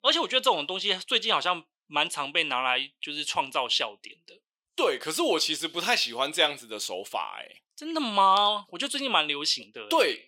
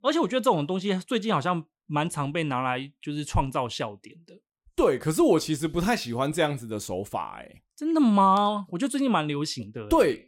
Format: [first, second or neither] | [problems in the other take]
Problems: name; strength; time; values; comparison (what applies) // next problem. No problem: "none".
second | thin; somewhat; fading below 500 Hz